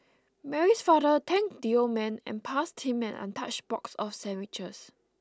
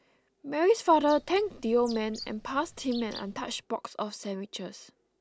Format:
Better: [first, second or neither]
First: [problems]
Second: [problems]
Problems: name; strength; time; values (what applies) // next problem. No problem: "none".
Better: first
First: none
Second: background sound (Bird); 19 dB below the speech